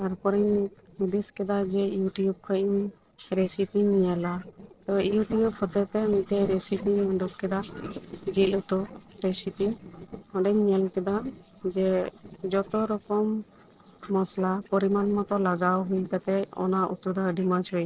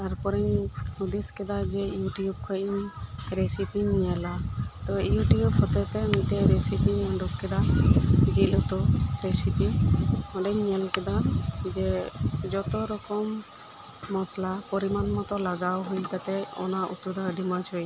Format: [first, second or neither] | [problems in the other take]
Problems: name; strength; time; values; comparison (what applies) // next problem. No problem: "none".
second | noise reduction (neural separator model SepFormer DNS4)